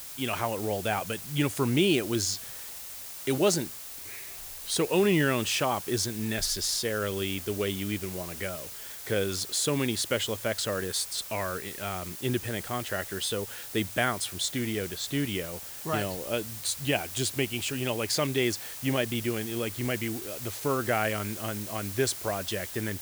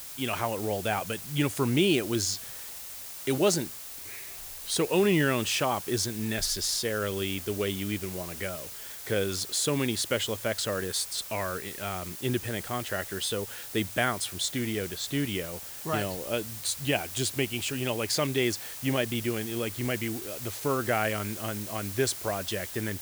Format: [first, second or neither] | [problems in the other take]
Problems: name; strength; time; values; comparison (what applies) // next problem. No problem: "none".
neither | hiss; loud; throughout; 8 dB below the speech; the same in both